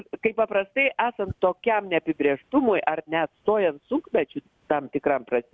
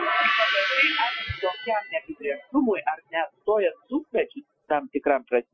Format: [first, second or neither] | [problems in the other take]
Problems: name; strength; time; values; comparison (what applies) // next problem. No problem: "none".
first | noise reduction (classical method Wiener filter)